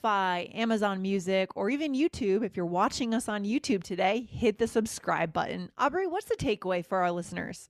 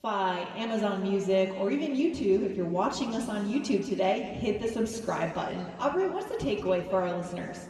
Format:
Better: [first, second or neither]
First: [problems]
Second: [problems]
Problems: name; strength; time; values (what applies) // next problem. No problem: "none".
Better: first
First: none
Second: room echo; noticeable; dies away in 2 s // off-mic speech; far